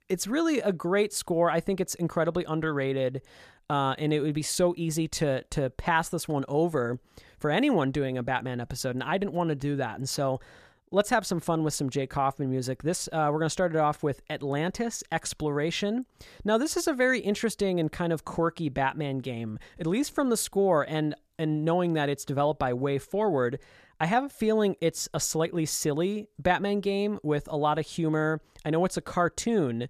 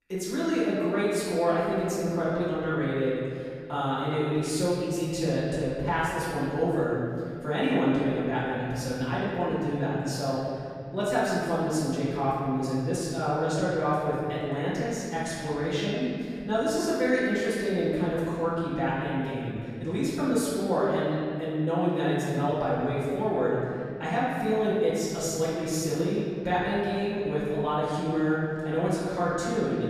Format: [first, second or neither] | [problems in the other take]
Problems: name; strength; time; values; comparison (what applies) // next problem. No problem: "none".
first | off-mic speech; far // room echo; strong; dies away in 2.4 s